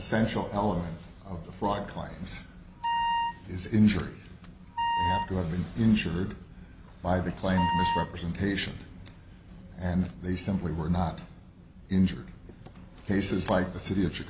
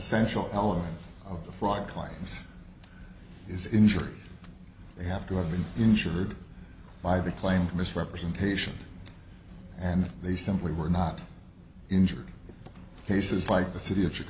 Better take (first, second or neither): second